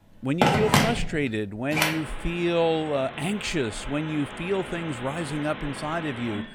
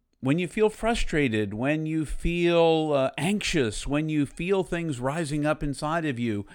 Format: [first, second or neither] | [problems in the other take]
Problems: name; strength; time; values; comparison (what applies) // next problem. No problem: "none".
second | alarms or sirens; loud; throughout; 1 dB below the speech